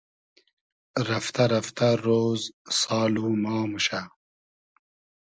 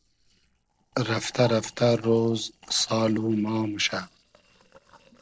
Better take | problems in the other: first | noise reduction (neural separator model SepFormer DNS4)

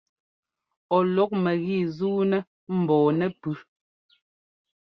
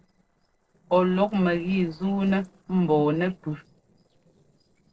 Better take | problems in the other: first | noise reduction (neural separator model SepFormer DNS4)

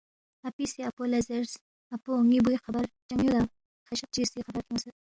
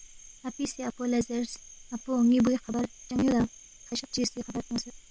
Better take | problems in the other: first | background sound (Cricket); 20 dB below the speech

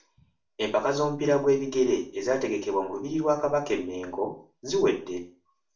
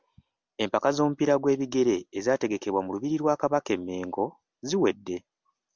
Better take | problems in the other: second | room echo; dies away in 0.4 s

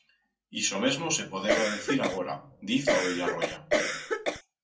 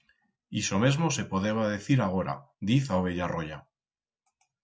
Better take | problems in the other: second | background sound (Cough); 3 dB above the speech // room echo; dies away in 0.2 s

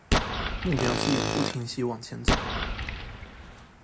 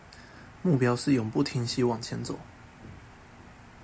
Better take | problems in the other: second | background sound (Explosion + Tools); 3 dB above the speech

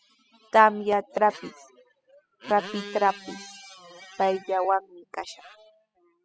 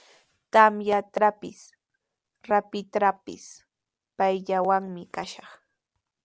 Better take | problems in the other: second | noise reduction (classical method spectral subtraction)

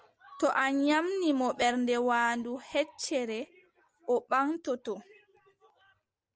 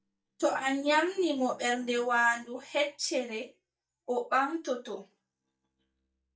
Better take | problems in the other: first | noise reduction (neural mask model DeepFilterNet 3)

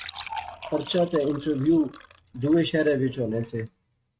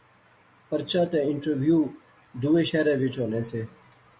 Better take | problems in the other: second | noise reduction (neural mask model RNNoise)

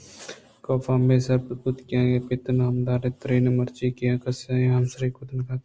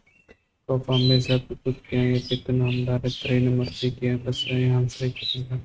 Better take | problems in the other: first | noise reduction (neural mask model RNNoise)

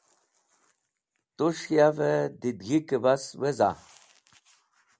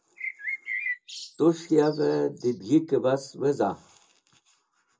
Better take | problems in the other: first | background sound (Bird); 10 dB below the speech // room echo; dies away in 0.2 s

